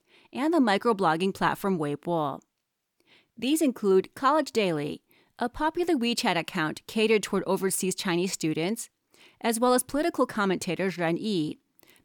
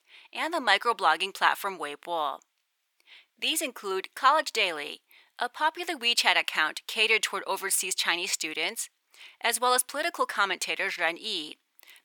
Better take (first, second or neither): first